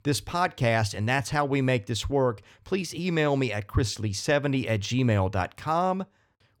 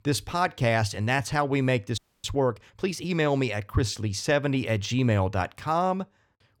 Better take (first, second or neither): first